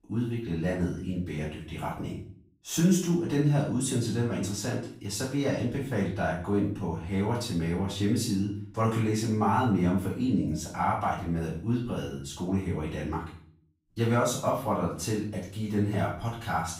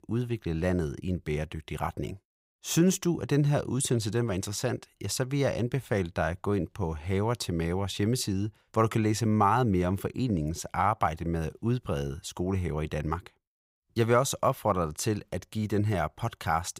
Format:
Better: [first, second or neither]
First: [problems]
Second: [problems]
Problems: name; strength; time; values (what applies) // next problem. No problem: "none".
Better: second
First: off-mic speech; far // room echo; noticeable; dies away in 0.5 s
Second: none